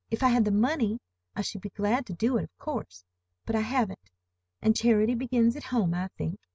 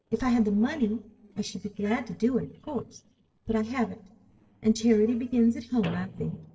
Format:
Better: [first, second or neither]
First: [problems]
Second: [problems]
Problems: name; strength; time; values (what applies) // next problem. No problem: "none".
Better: first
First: none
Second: noise reduction (neural separator model SepFormer DNS4)